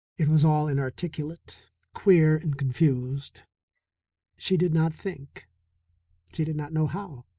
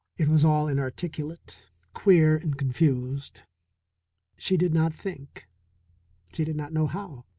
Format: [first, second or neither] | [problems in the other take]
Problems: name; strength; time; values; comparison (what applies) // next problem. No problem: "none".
second | noise reduction (neural mask model DeepFilterNet 3)